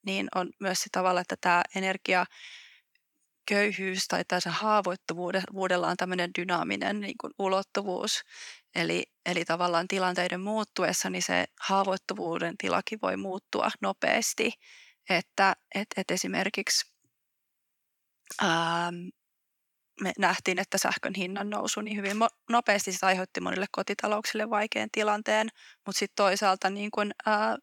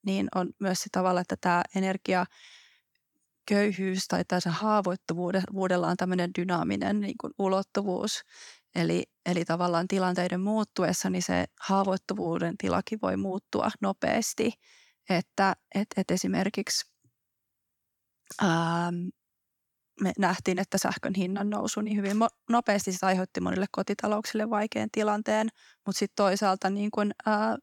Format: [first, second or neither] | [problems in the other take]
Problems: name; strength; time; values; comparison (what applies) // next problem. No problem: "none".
second | thin; very slightly; fading below 950 Hz